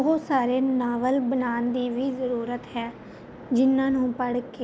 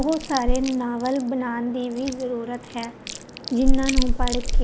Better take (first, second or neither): first